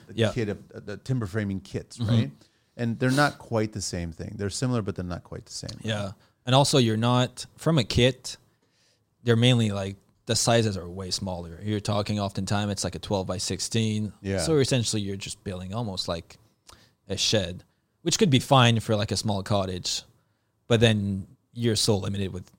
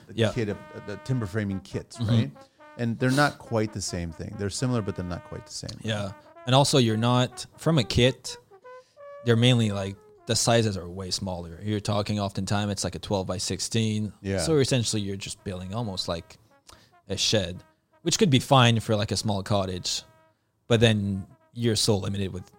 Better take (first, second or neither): first